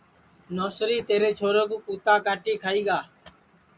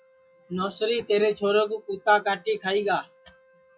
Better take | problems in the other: first | noise reduction (classical method log-MMSE)

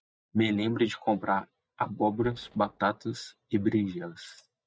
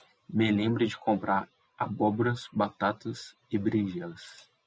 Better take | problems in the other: second | noise reduction (neural mask model DeepFilterNet 3)

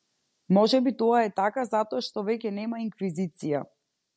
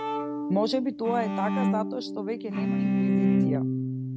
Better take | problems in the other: first | noise reduction (neural mask model RNNoise)

